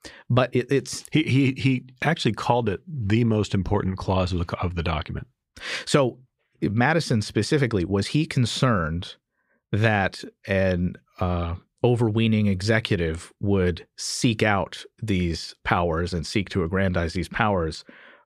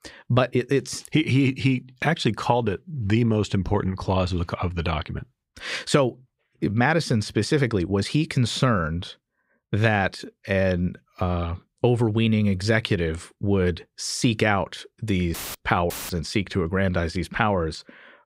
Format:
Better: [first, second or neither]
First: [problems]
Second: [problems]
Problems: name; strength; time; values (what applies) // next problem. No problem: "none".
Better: first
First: none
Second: audio cutting out; filled with static; at 15 s and at 16 s